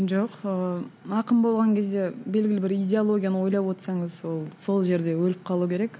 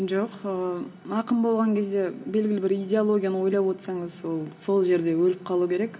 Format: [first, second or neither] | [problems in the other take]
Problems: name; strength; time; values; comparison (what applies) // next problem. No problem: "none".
first | room echo; dies away in 0.9 s